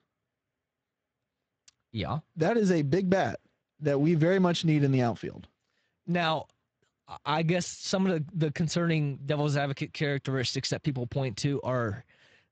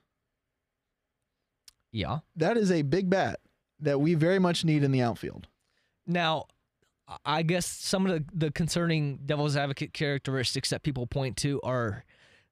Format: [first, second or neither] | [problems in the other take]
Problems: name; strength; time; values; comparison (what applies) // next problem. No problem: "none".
second | garbled, watery; slightly; nothing above 7.5 kHz